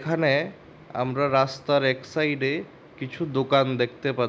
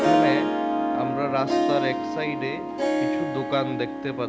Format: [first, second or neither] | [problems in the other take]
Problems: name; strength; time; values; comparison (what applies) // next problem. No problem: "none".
first | background sound (Harp); 5 dB above the speech